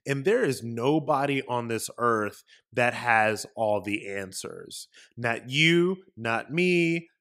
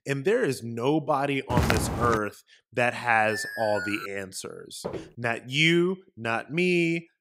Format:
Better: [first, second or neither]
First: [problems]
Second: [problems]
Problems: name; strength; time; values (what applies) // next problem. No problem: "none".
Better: first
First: none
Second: footsteps; loud; at 1.5 s; peak 1 dB above the speech // alarm; noticeable; at 3.5 s; peak 7 dB below the speech // footsteps; faint; at 5 s; peak 10 dB below the speech